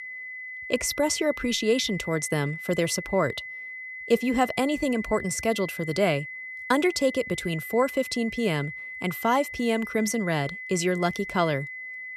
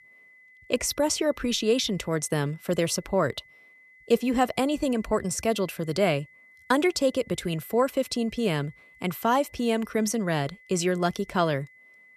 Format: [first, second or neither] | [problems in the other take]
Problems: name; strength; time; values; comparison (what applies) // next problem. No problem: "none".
second | high-pitched whine; loud; throughout; 2 kHz, 9 dB below the speech; faint in the second